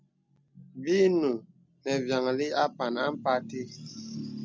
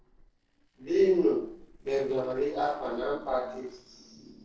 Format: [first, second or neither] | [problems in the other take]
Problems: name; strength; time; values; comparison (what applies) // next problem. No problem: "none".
first | noise reduction (neural separator model SepFormer DNS4)